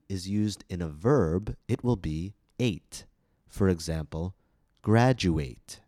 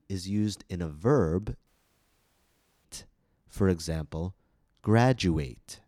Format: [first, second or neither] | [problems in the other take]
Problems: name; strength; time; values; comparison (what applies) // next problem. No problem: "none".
first | audio cutting out; at 1.5 s for 1 s